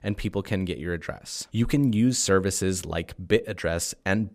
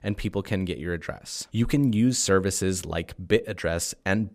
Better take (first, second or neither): neither